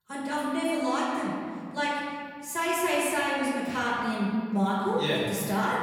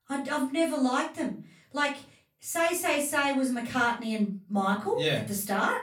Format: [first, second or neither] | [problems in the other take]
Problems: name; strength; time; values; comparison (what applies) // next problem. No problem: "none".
second | room echo; strong; dies away in 2 s; slight in the second // off-mic speech; far; far in the second